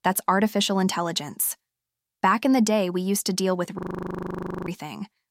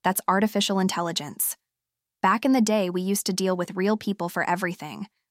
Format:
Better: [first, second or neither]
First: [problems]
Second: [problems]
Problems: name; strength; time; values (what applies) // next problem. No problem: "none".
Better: second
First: audio freezing; at 4 s for 1 s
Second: none